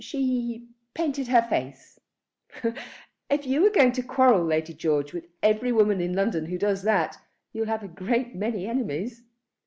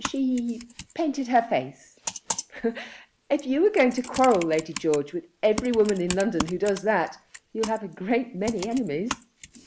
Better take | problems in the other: first | background sound (Computer keyboard); 13 dB below the speech

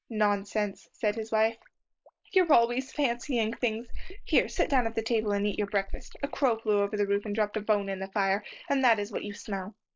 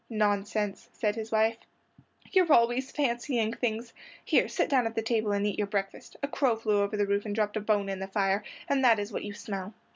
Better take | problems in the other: second | noise reduction (neural mask model Resemble Enhance denoiser)

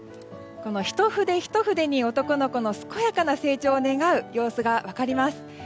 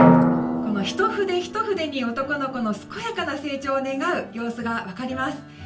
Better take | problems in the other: first | background sound (Drum); 1 dB above the speech // room echo; dies away in 0.3 s

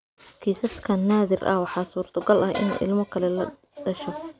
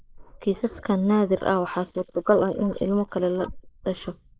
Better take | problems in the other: first | noise reduction (neural mask model Resemble Enhance denoiser)

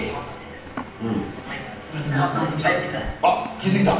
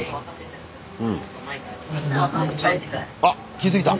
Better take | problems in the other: second | background sound (Livestock, farm animals, working animals); 16 dB below the speech // room echo; dies away in 0.9 s

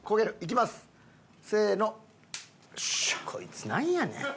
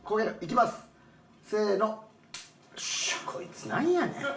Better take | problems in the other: first | room echo; dies away in 0.4 s

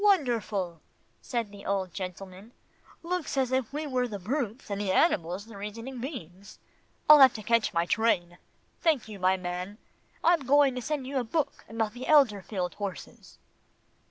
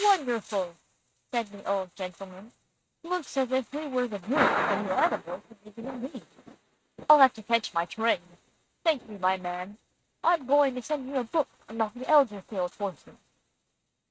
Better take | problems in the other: first | noise reduction (neural mask model RNNoise)

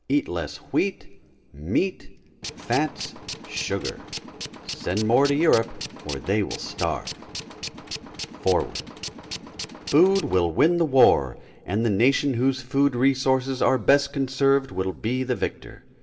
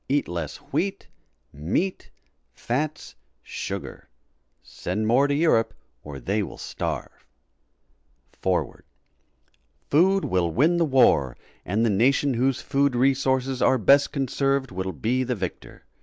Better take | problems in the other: second | background sound (Tools); 12 dB below the speech // room echo; dies away in 0.3 s

